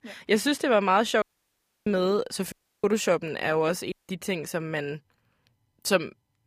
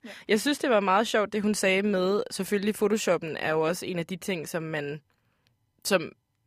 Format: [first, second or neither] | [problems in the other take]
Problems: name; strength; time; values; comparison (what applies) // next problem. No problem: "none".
second | audio cutting out; at 1 s for 0.5 s, at 2.5 s and at 4 s